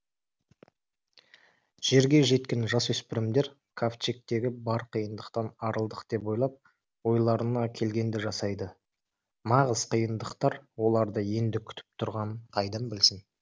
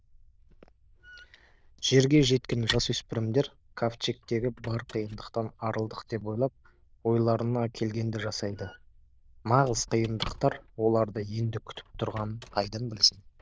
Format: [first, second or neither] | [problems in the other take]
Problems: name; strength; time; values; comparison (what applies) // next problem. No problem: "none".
first | noise reduction (neural diffusion model UNIVERSE++)